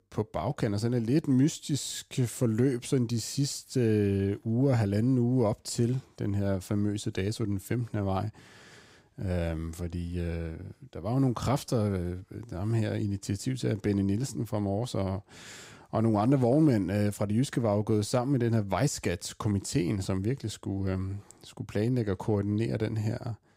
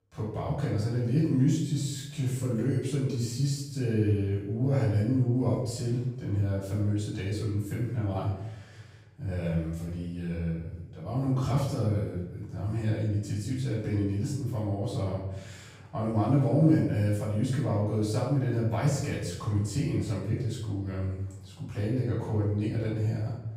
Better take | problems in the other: first | off-mic speech; far // room echo; noticeable; dies away in 0.8 s

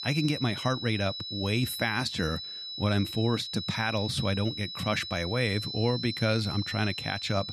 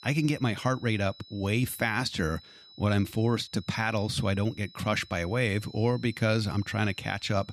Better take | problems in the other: second | high-pitched whine; loud; throughout; 4 kHz, 6 dB below the speech; faint in the second

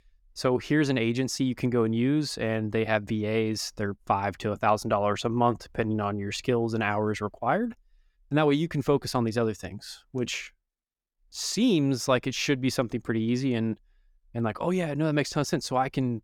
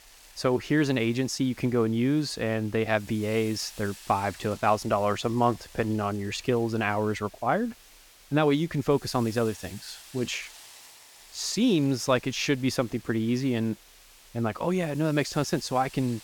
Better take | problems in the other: first | hiss; faint; throughout; 20 dB below the speech

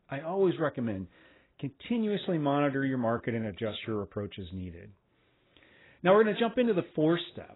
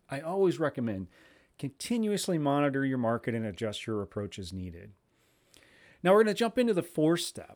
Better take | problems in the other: second | garbled, watery; badly; nothing above 4 kHz

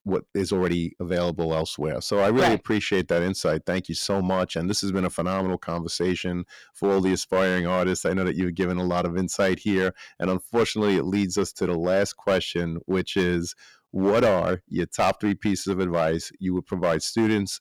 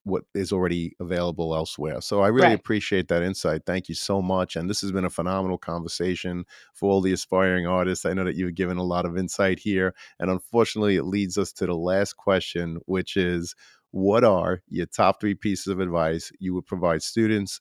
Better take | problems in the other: second | distortion; slight; 5% of the sound clipped

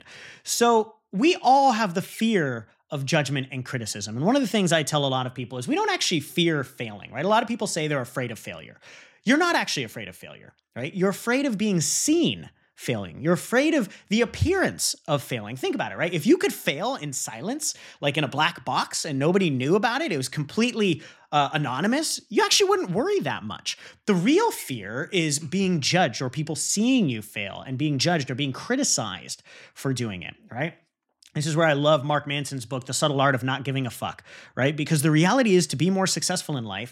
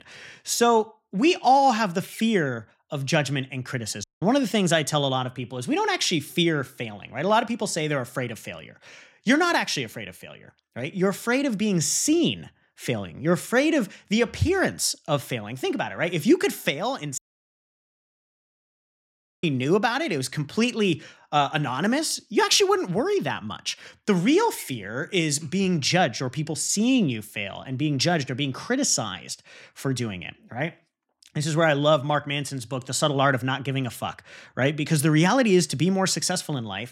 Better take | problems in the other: first | audio cutting out; at 4 s and at 17 s for 2.5 s

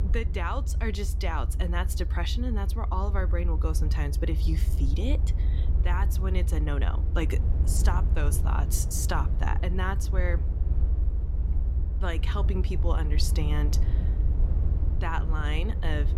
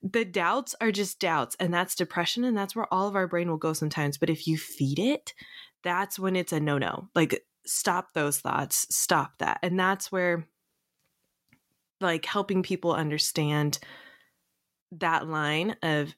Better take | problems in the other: second | low rumble; loud; throughout; 10 dB below the speech

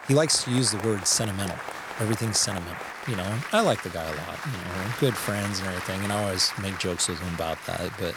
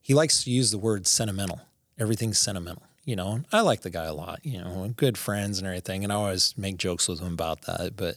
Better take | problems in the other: second | crowd noise; loud; throughout; 9 dB below the speech

